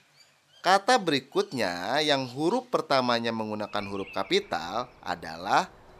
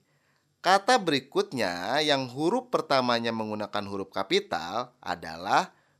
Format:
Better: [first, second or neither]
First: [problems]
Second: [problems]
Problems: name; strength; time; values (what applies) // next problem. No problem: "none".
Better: second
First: animal sounds; faint; throughout; 25 dB below the speech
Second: none